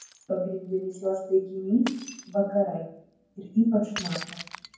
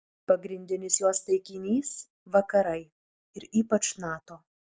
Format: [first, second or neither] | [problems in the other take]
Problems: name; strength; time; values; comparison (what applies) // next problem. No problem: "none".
second | background sound (Shatter); 15 dB below the speech // room echo; dies away in 0.9 s